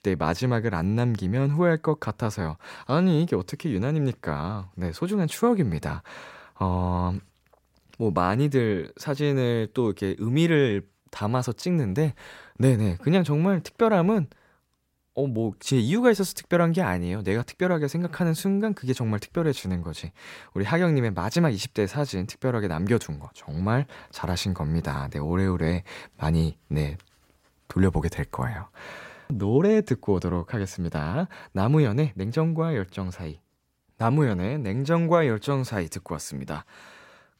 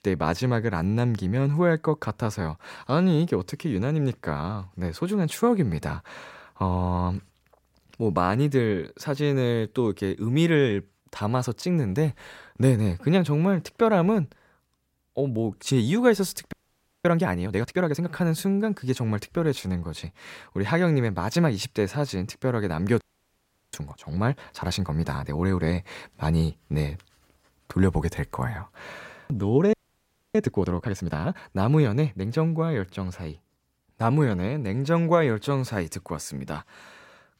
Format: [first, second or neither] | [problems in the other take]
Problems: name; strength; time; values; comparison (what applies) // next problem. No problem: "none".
first | audio freezing; at 17 s for 0.5 s, at 23 s for 0.5 s and at 30 s for 0.5 s